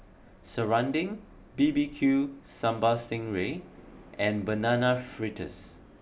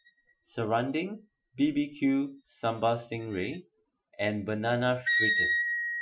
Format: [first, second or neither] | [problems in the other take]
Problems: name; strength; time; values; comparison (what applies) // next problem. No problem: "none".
first | noise reduction (classical method Wiener filter)